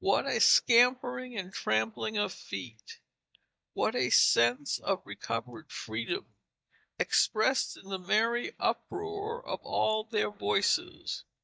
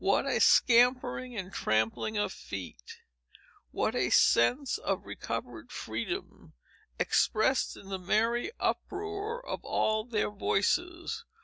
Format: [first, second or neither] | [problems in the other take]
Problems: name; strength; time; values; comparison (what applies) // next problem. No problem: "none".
second | noise reduction (neural mask model DeepFilterNet 3)